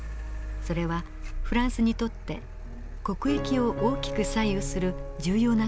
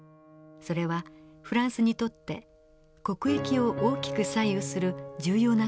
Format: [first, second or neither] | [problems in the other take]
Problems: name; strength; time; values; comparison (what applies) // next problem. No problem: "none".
second | background sound (Car); 6 dB below the speech